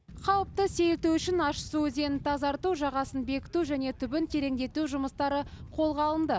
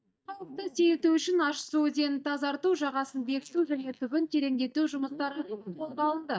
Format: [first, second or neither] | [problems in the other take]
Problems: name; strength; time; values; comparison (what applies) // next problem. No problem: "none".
first | noise reduction (neural mask model DeepFilterNet 3)